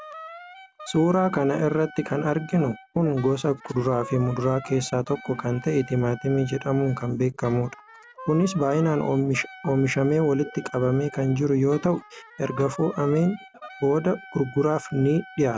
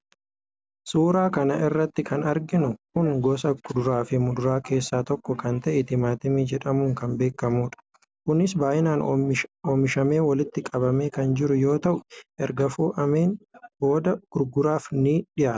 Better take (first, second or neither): second